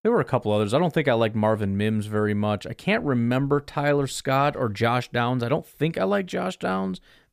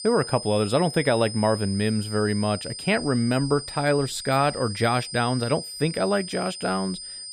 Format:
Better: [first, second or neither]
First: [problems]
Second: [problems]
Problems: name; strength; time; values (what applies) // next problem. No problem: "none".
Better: first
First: none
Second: high-pitched whine; loud; throughout; 5 kHz, 10 dB below the speech